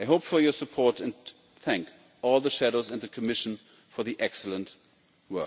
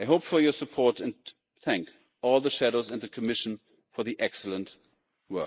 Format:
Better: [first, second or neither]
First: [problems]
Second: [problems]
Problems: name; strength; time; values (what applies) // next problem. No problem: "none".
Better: first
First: none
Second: noise reduction (neural mask model Resemble Enhance denoiser)